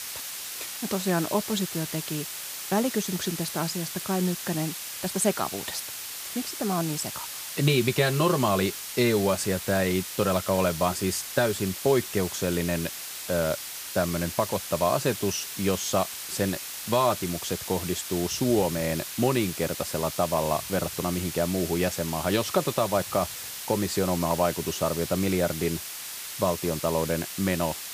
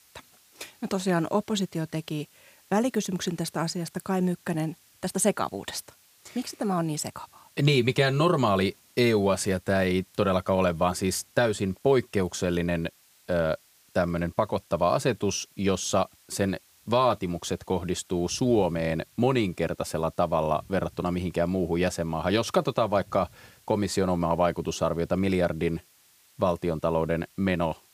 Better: second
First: hiss; loud; throughout; 6 dB below the speech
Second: hiss; faint; throughout; 30 dB below the speech

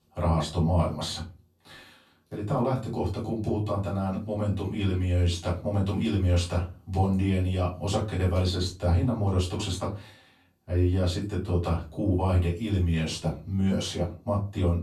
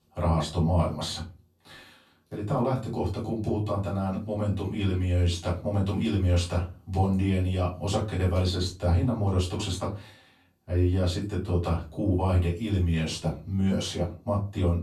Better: neither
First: off-mic speech; far // room echo; slight; dies away in 0.2 s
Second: off-mic speech; far // room echo; slight; dies away in 0.2 s

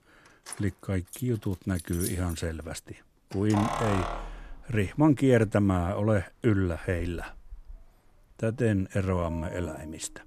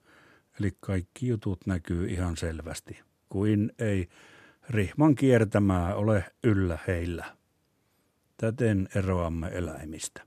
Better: second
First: household noises; noticeable; throughout; 10 dB below the speech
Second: none

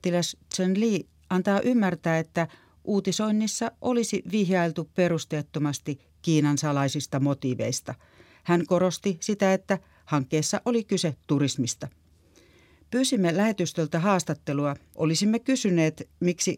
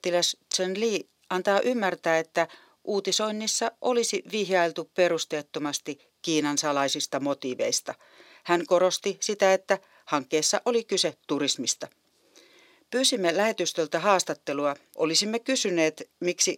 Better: first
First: none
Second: thin; somewhat; fading below 450 Hz

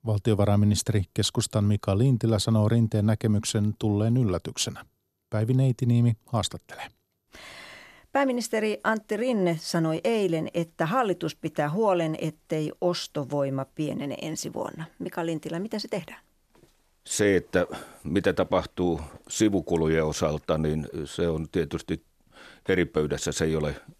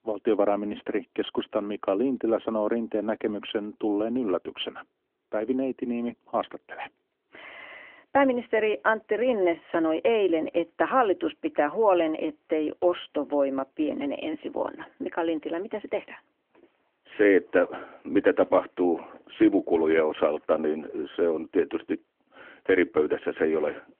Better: first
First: none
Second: phone-call audio; nothing above 3.5 kHz

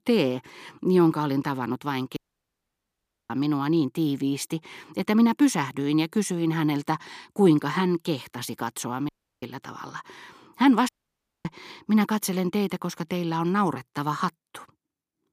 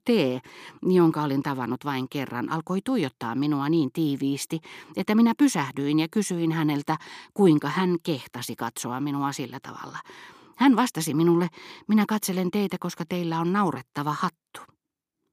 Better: second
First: audio cutting out; at 2 s for 1 s, at 9 s and at 11 s for 0.5 s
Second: none

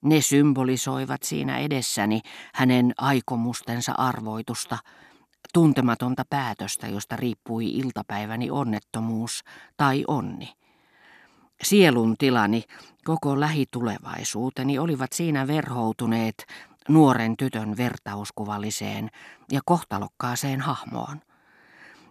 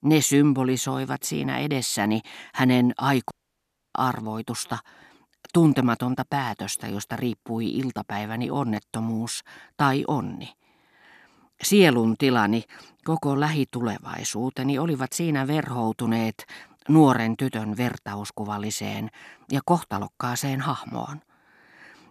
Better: first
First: none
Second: audio cutting out; at 3.5 s for 0.5 s

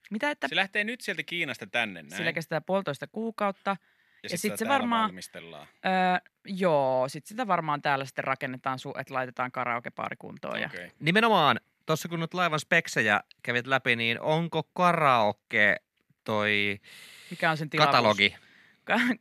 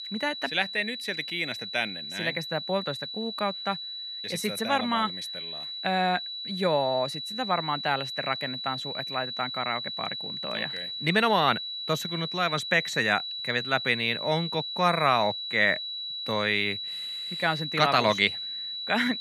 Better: first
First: none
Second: high-pitched whine; loud; throughout; 4 kHz, 5 dB below the speech

